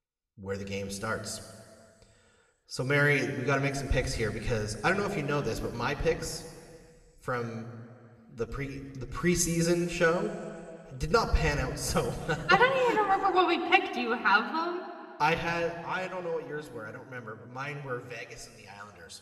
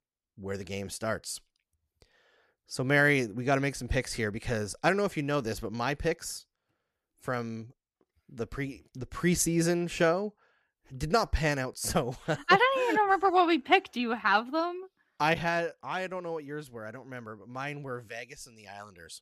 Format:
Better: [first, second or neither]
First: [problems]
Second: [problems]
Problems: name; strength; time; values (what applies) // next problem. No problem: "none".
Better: second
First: room echo; slight; dies away in 1.8 s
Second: none